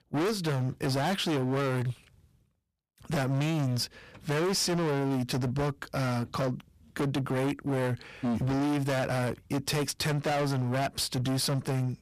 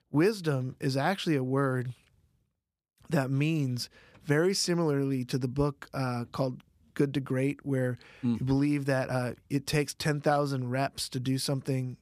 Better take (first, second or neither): second